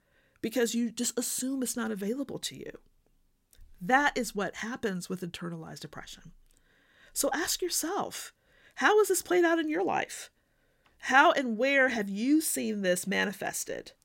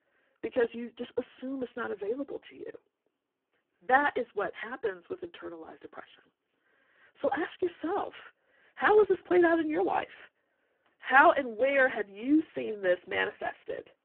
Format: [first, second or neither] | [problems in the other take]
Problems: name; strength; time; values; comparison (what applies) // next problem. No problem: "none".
first | phone-call audio; poor line